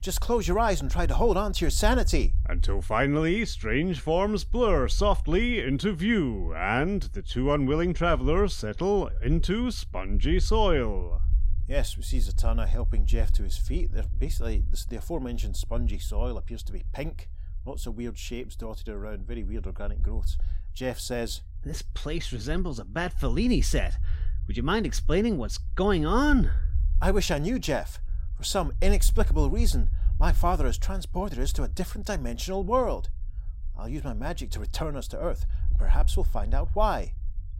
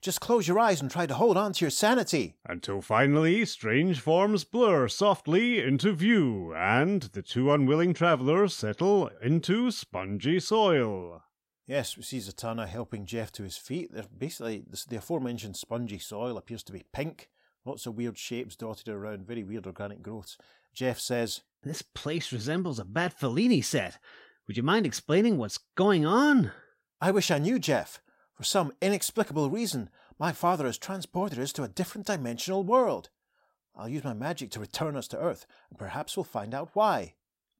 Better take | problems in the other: second | low rumble; faint; throughout; 25 dB below the speech

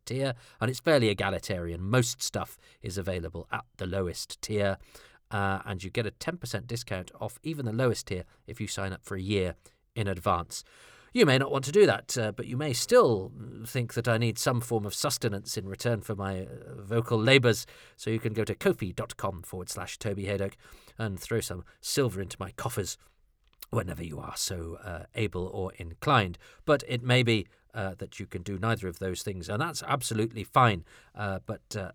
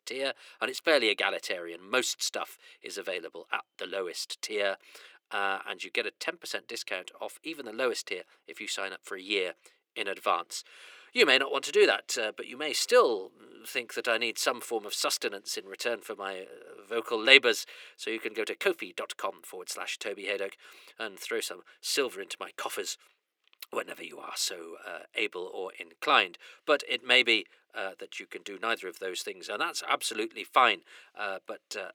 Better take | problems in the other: first | thin; very; fading below 300 Hz

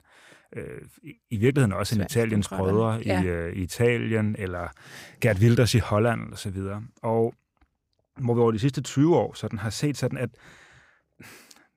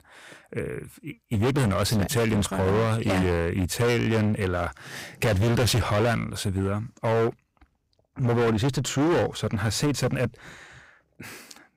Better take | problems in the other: first | distortion; heavy; 20% of the sound clipped

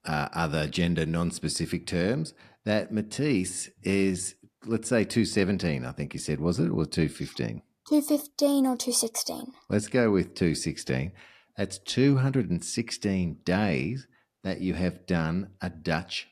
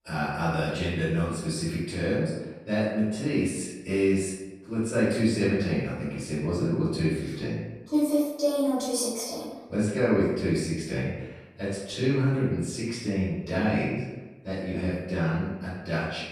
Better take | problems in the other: first | off-mic speech; far // room echo; strong; dies away in 1 s

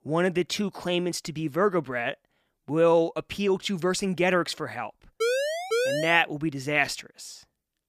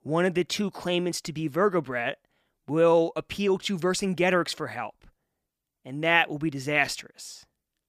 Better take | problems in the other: second | siren; loud; from 5 to 6 s; peak level with the speech

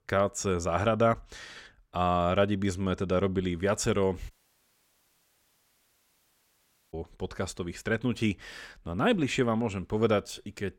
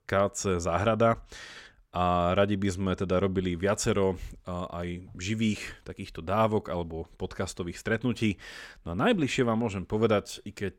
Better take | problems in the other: second | audio cutting out; at 4.5 s for 2.5 s

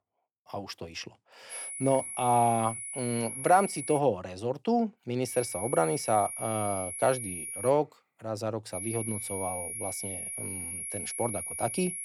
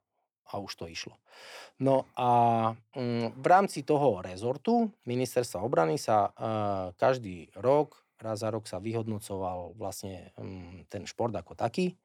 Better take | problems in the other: second | high-pitched whine; loud; from 1.5 to 4 s, from 5.5 to 7.5 s and from 8.5 s on; 10.5 kHz, 6 dB below the speech

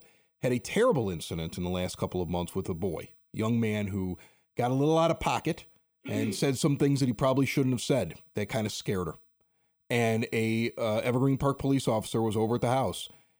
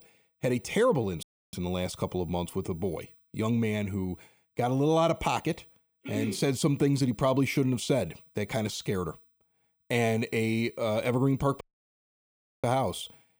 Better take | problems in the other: first | audio cutting out; at 1 s and at 12 s for 1 s

